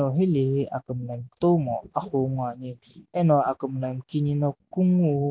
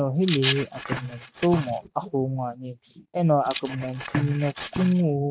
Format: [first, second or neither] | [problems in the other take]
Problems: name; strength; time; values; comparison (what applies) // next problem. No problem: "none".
first | noise reduction (neural mask model RNNoise)